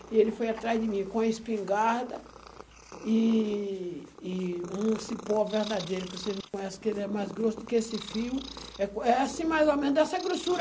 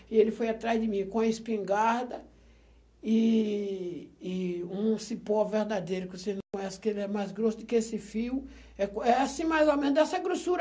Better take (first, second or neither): second